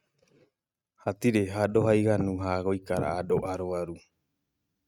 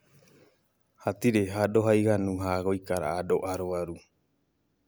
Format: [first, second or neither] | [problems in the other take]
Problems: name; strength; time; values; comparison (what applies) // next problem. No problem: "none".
second | noise reduction (neural mask model RNNoise)